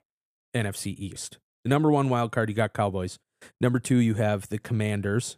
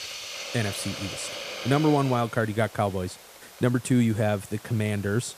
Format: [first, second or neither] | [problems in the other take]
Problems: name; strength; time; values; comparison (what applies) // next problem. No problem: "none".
first | hiss; noticeable; throughout; 10 dB below the speech